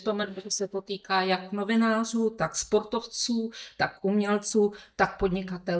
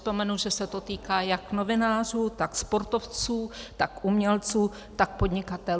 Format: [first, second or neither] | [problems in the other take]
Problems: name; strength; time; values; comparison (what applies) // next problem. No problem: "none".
second | noise reduction (neural mask model DeepFilterNet 3)